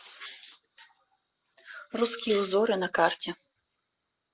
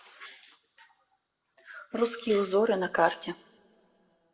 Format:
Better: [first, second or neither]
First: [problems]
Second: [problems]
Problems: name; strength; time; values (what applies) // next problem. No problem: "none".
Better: first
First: none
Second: room echo; dies away in 0.8 s